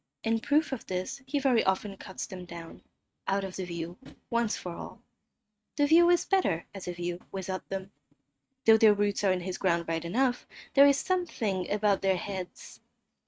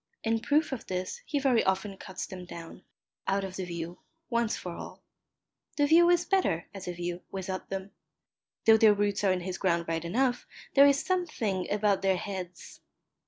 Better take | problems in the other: second | noise reduction (neural mask model RNNoise)

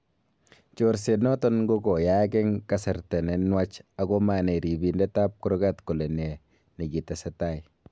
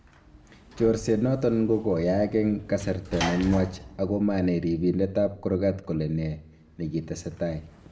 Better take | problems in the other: first | background sound (Sliding door / Slam); 15 dB below the speech // room echo; dies away in 0.6 s

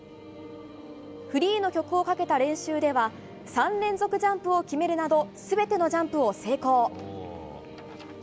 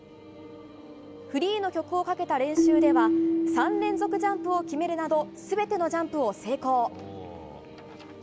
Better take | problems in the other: first | background sound (Keyboard (musical)); 1 dB below the speech

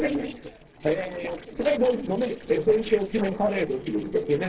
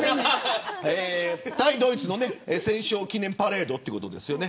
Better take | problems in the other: second | noise reduction (neural separator model SepFormer DNS4)

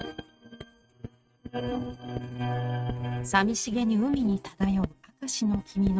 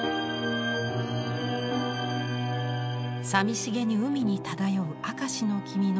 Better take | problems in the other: second | noise reduction (neural mask model RNNoise)

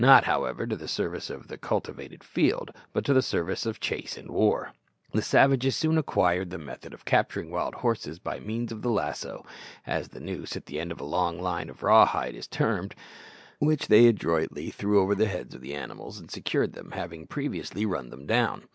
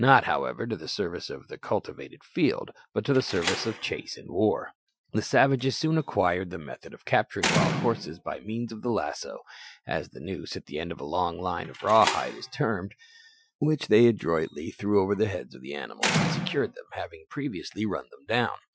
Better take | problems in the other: first | noise reduction (classical method Wiener filter)

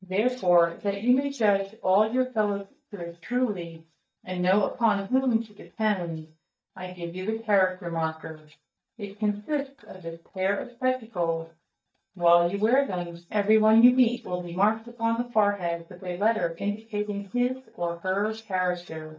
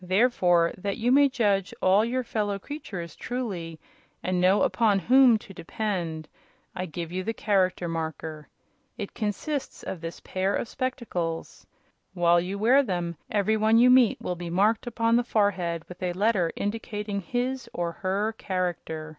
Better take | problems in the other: second | noise reduction (neural mask model DeepFilterNet 3)

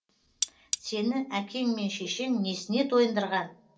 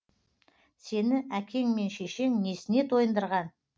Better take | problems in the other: second | background sound (Cutlery, silverware); 6 dB below the speech // room echo; dies away in 0.2 s

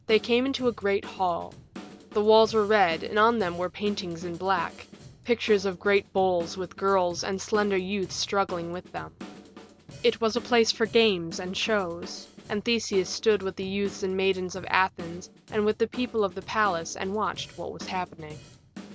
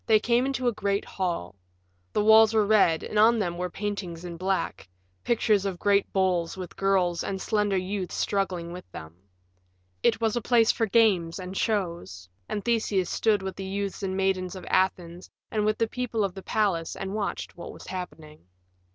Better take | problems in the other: second | background sound (Drum / Drum kit); 19 dB below the speech

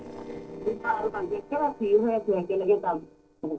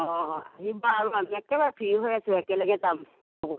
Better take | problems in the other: second | noise reduction (neural separator model SepFormer DNS4)

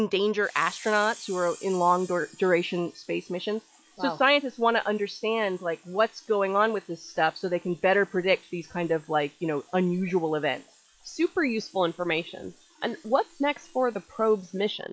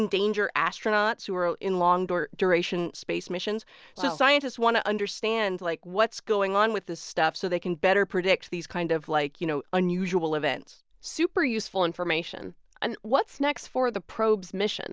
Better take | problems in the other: second | noise reduction (classical method log-MMSE)

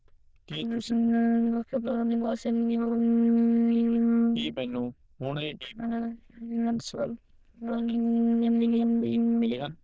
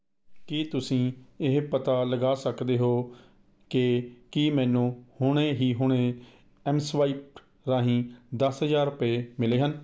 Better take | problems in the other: second | noise reduction (neural diffusion model UNIVERSE++)

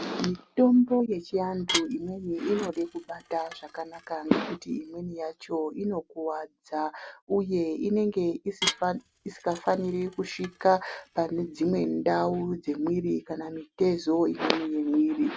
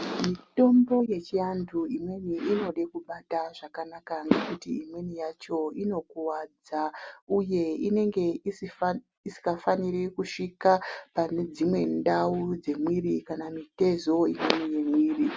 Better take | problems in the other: second | background sound (Dishes, pots, and pans / Glass); 11 dB below the speech

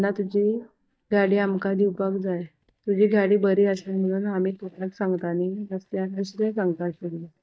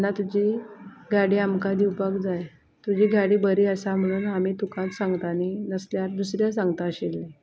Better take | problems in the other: second | noise reduction (neural mask model DeepFilterNet 3)

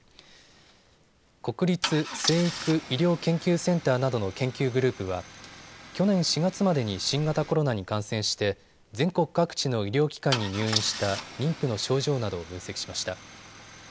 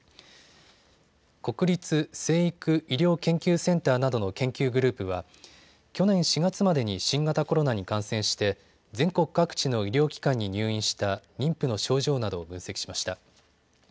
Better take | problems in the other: second | background sound (Idling / Engine starting / Car); 12 dB below the speech

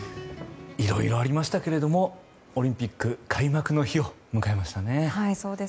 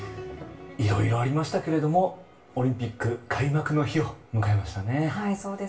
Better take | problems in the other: first | room echo; dies away in 0.3 s

